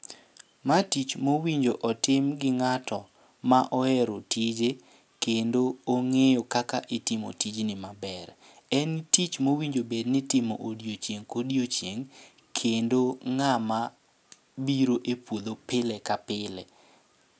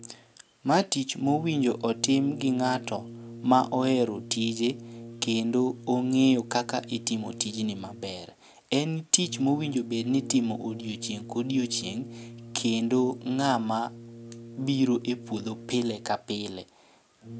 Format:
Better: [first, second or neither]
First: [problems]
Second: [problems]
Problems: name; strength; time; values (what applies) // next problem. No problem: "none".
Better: first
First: none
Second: background sound (Brass instrument); 15 dB below the speech